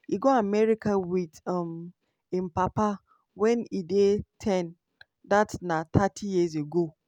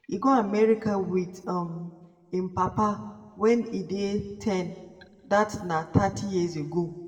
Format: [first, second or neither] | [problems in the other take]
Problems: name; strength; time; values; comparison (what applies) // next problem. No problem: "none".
first | room echo; dies away in 0.9 s